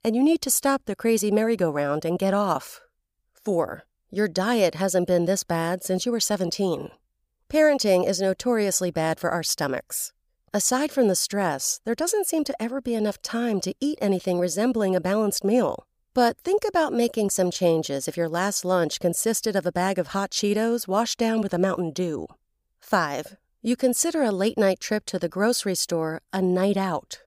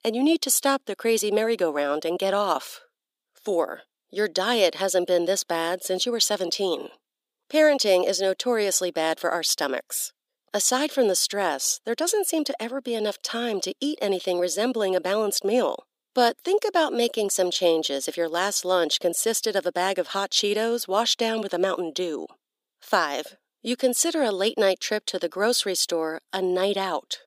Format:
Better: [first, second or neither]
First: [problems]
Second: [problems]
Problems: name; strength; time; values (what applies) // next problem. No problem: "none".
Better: first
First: none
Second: thin; very slightly; fading below 250 Hz